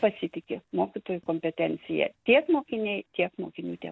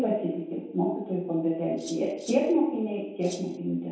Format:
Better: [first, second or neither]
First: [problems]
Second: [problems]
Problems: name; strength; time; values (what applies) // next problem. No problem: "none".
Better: first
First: none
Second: background sound (Rattle (instrument)); 17 dB below the speech // room echo; dies away in 0.8 s